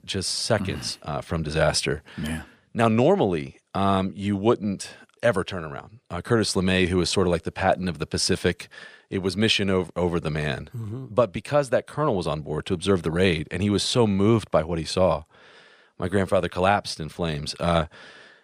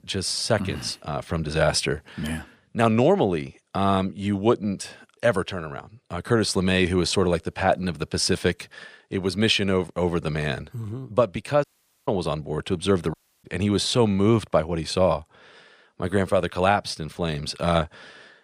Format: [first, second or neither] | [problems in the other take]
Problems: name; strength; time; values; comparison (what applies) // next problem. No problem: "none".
first | audio cutting out; at 12 s and at 13 s